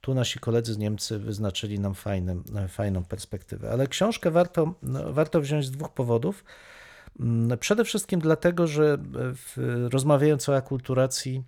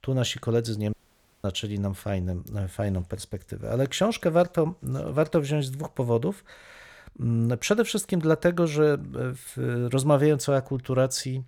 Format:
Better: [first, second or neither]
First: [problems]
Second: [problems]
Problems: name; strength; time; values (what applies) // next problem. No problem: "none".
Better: first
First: none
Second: audio cutting out; at 1 s for 0.5 s